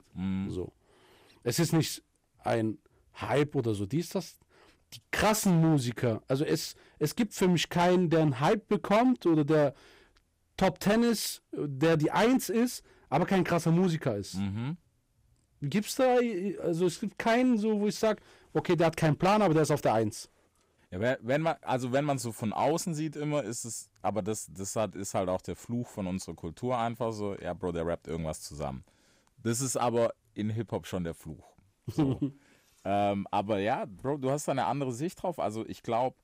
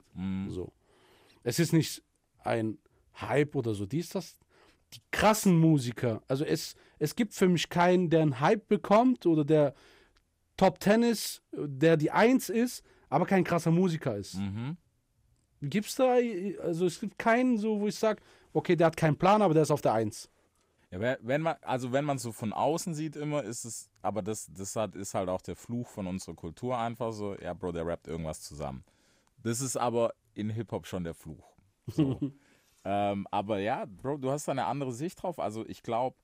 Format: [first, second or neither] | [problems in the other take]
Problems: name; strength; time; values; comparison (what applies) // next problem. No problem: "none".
second | distortion; slight; 5% of the sound clipped